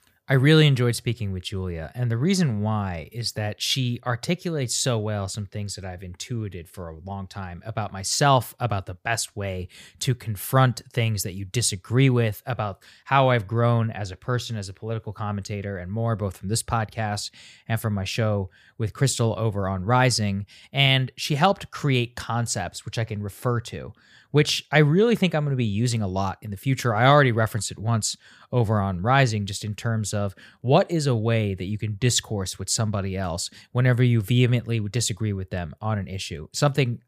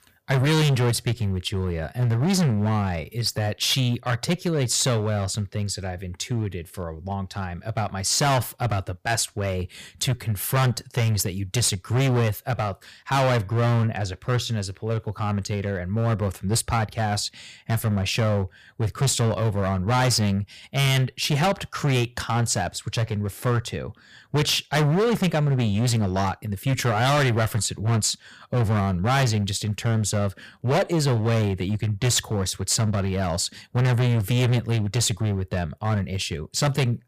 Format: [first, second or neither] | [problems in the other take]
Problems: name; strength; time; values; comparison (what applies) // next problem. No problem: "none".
first | distortion; heavy; 15% of the sound clipped